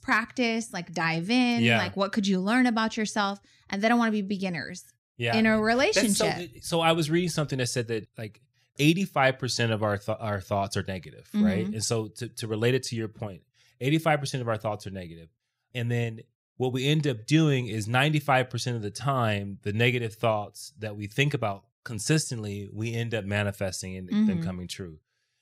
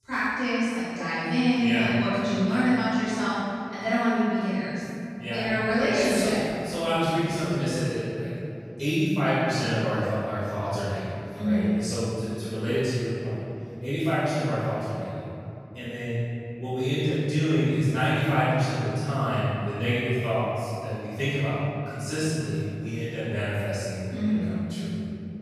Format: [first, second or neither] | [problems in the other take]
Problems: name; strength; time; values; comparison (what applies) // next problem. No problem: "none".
first | off-mic speech; far // room echo; strong; dies away in 2.9 s